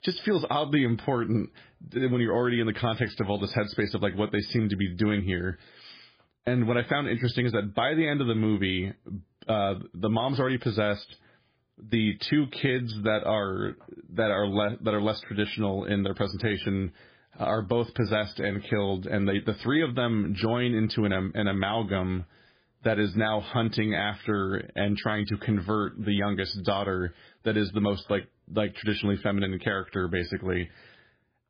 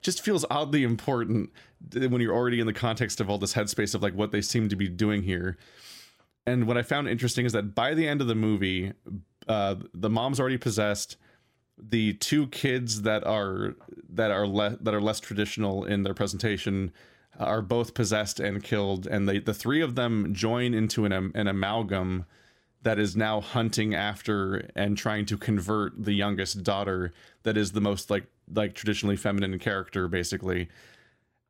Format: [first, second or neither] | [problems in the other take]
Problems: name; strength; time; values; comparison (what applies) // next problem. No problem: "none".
second | garbled, watery; badly; nothing above 5 kHz